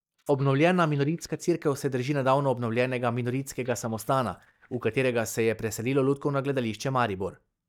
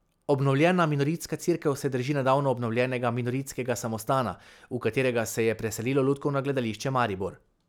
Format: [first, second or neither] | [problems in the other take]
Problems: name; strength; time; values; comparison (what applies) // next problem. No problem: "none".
second | noise reduction (neural mask model DeepFilterNet 3)